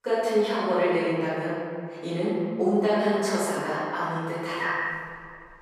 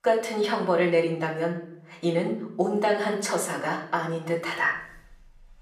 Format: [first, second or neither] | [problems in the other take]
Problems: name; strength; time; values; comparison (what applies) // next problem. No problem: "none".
second | room echo; strong; dies away in 2 s; slight in the second // off-mic speech; far; far in the second